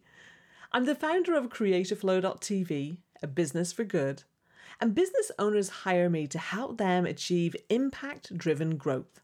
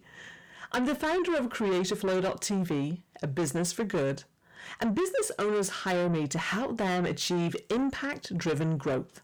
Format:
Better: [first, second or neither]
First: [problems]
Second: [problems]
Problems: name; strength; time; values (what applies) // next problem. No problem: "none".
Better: first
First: none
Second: distortion; heavy; 7 dB below the speech